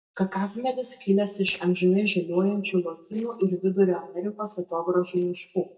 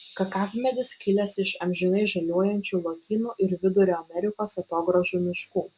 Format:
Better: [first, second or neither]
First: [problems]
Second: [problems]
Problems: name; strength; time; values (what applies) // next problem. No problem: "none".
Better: second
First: noise reduction (neural mask model DeepFilterNet 3)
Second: none